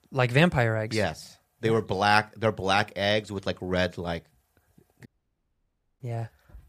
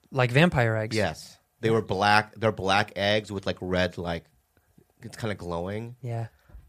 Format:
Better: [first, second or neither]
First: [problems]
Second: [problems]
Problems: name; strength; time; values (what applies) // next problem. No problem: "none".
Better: second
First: audio cutting out; at 5 s for 1 s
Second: none